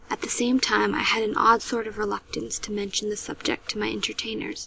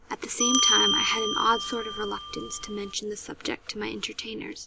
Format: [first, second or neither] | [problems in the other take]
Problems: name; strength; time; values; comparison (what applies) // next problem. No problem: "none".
first | background sound (Bell); 3 dB above the speech